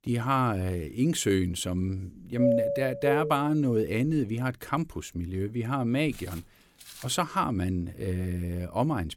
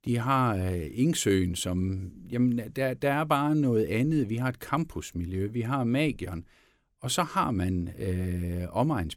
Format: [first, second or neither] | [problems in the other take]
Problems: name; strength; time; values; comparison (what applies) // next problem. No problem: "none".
second | doorbell; loud; from 2.5 to 3.5 s; peak 2 dB above the speech // footsteps; faint; from 6 to 7 s; peak 15 dB below the speech